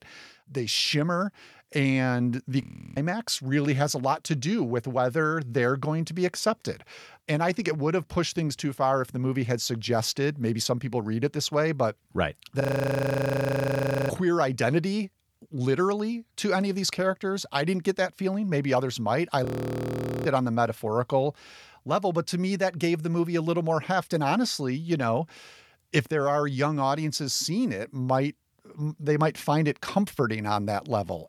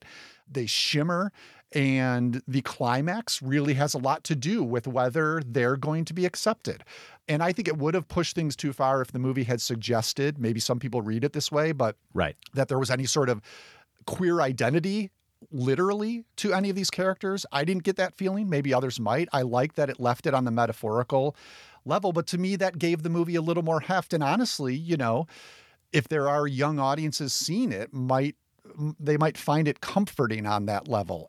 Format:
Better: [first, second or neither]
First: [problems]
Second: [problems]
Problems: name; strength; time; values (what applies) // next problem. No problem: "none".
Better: second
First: audio freezing; at 2.5 s, at 13 s for 1.5 s and at 19 s for 1 s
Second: none